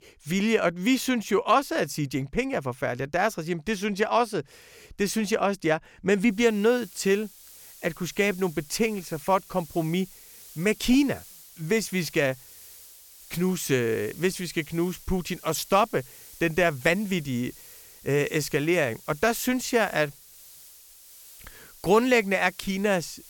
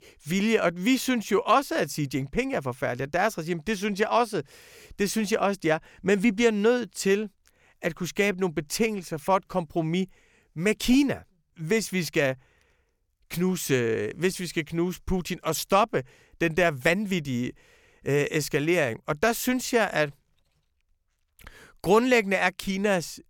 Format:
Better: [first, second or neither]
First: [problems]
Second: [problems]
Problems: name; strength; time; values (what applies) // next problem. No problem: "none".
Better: second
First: hiss; faint; from 6.5 s on; 20 dB below the speech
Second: none